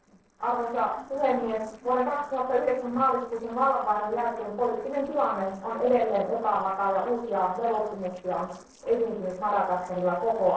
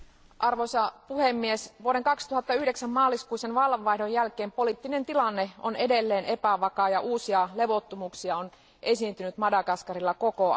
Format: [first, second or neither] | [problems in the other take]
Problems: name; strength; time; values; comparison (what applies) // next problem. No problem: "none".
second | noise reduction (neural separator model SepFormer DNS4)